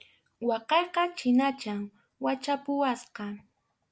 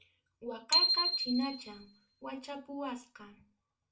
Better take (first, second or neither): first